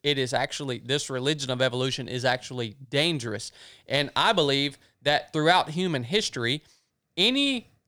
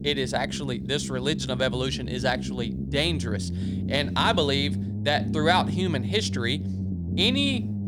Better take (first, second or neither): first